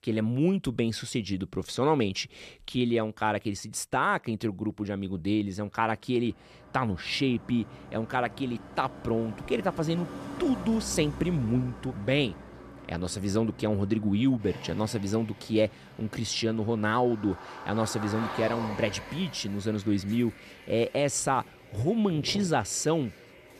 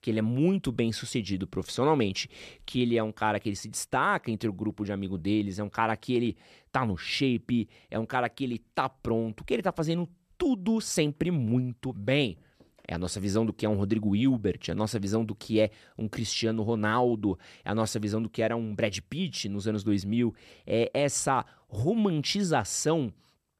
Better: second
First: traffic noise; noticeable; from 5.5 s on; 15 dB below the speech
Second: none

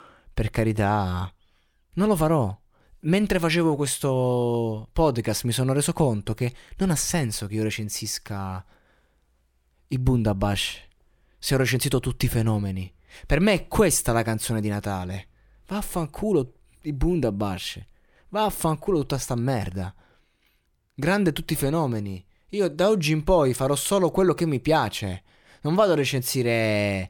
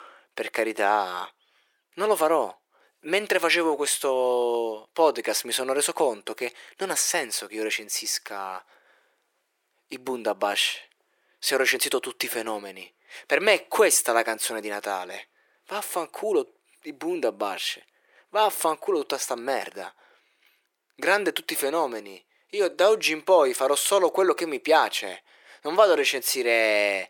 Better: first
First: none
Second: thin; very; fading below 400 Hz

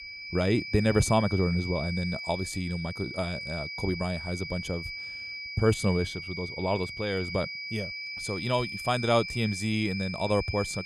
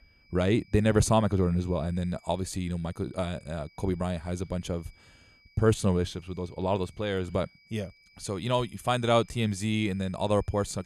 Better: second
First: high-pitched whine; loud; throughout; 2.5 kHz, 6 dB below the speech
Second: high-pitched whine; faint; throughout; 2.5 kHz, 30 dB below the speech

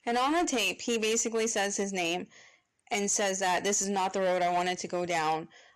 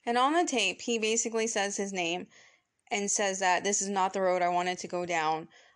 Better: second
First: distortion; slight; 11% of the sound clipped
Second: none

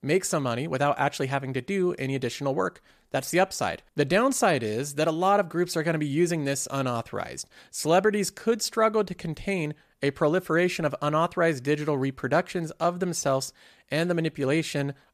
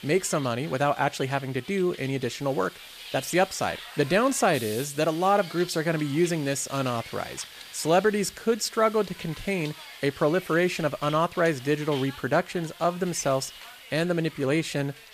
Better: first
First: none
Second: hiss; noticeable; throughout; 15 dB below the speech

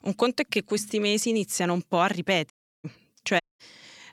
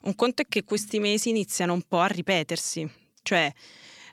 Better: second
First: audio cutting out; at 2.5 s and at 3.5 s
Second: none

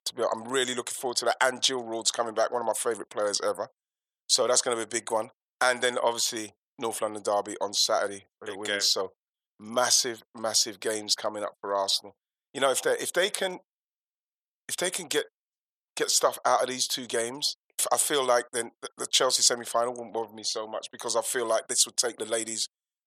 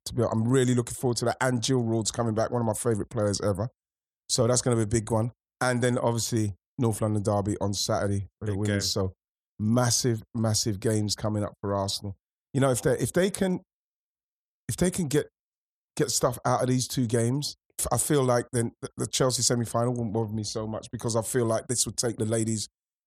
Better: second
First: thin; very; fading below 600 Hz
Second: none

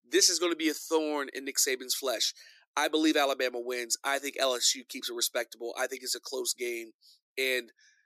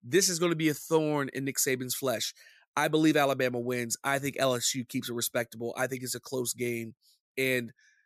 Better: second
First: thin; somewhat; fading below 300 Hz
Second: none

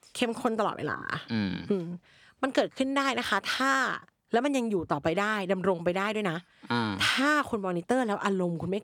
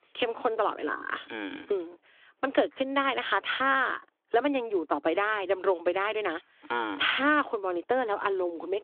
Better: first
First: none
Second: phone-call audio; nothing above 3.5 kHz

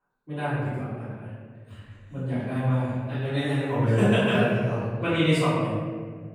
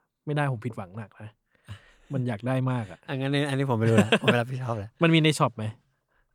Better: second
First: off-mic speech; far // room echo; strong; dies away in 1.7 s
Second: none

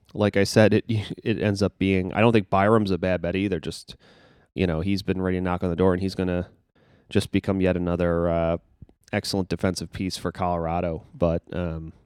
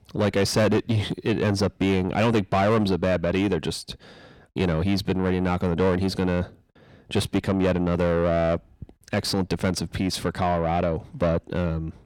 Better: first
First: none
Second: distortion; heavy; 7 dB below the speech

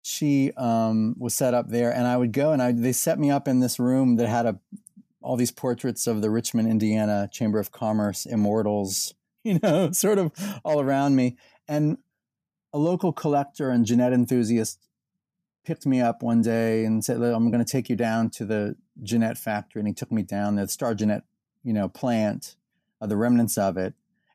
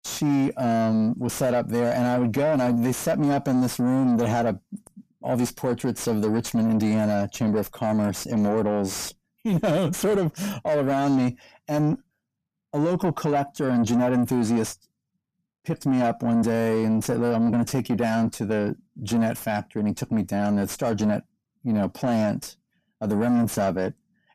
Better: first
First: none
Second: distortion; slight; 10 dB below the speech

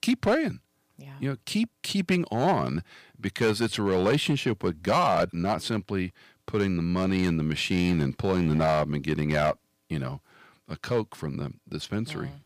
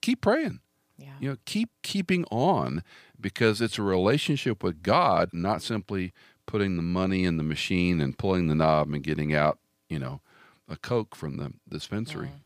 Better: second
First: distortion; slight; 3% of the sound clipped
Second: none

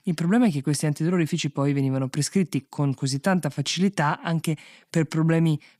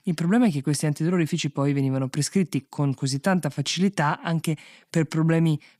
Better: neither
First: none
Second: none

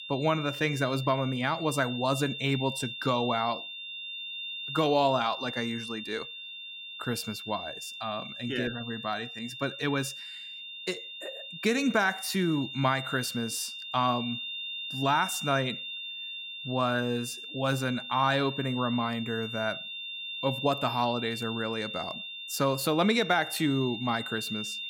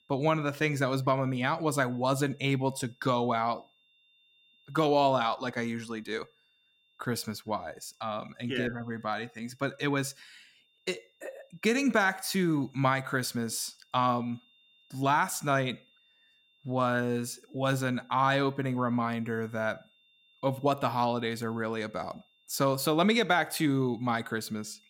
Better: second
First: high-pitched whine; loud; throughout; 3.5 kHz, 7 dB below the speech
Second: high-pitched whine; faint; throughout; 3.5 kHz, 35 dB below the speech

